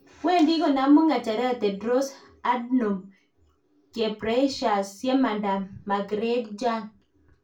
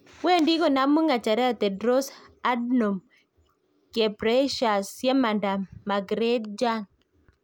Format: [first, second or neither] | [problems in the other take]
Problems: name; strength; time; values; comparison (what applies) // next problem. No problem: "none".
second | room echo; dies away in 0.2 s